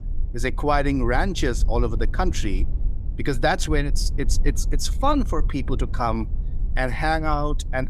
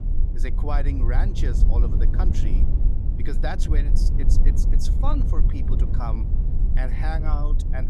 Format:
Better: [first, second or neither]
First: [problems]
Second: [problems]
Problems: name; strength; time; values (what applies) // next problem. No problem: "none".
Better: first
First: low rumble; faint; throughout; 20 dB below the speech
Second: low rumble; loud; throughout; 5 dB below the speech